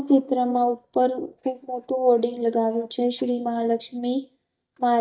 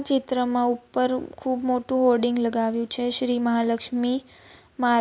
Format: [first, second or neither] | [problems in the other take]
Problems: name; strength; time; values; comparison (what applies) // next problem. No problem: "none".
second | noise reduction (neural mask model DeepFilterNet 3)